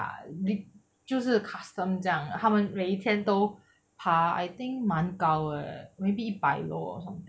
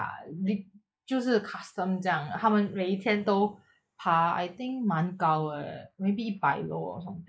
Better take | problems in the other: first | noise reduction (neural mask model Resemble Enhance denoiser)

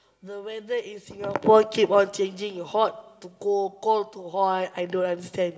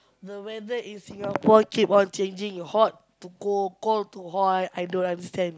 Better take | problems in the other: second | room echo; dies away in 1 s

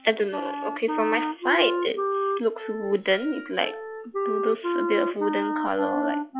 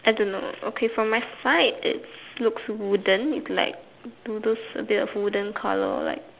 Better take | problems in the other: second | noise reduction (classical method log-MMSE)

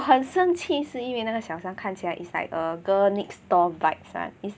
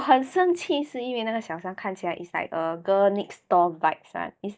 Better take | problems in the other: first | noise reduction (neural mask model DeepFilterNet 3)

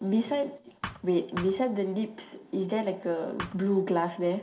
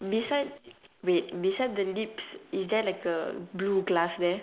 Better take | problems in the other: second | background sound (Thump, thud); 11 dB below the speech // room echo; dies away in 0.3 s

